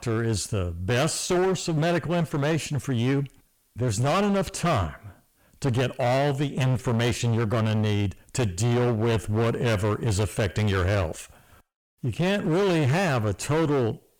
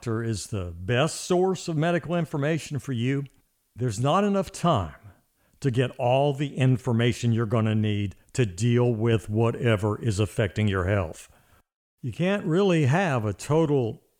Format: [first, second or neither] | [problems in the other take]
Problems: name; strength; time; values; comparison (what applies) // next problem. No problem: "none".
second | distortion; heavy; 22% of the sound clipped